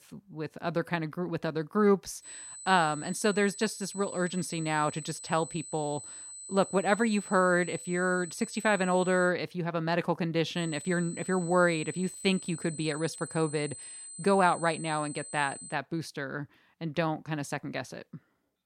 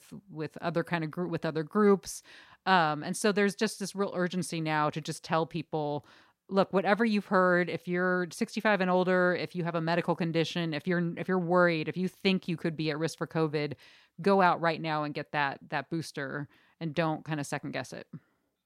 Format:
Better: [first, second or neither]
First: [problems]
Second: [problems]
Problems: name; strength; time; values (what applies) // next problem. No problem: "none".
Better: second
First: high-pitched whine; noticeable; from 2.5 to 9.5 s and from 11 to 16 s; 8 kHz, 10 dB below the speech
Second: none